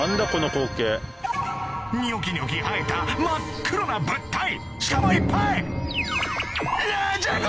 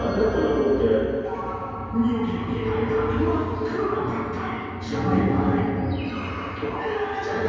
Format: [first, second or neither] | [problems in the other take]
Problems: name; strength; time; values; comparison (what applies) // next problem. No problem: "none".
first | room echo; dies away in 2.2 s